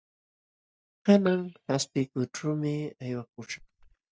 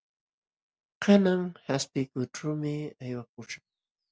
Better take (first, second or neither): second